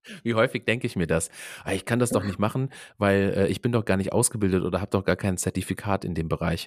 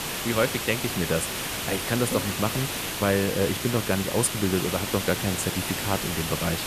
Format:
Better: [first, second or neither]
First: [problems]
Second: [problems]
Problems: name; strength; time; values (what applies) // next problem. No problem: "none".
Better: first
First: none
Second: hiss; loud; throughout; 2 dB below the speech